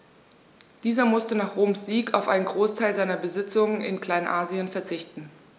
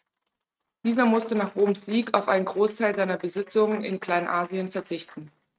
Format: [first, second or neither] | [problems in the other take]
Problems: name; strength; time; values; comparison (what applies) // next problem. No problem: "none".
first | noise reduction (neural mask model RNNoise)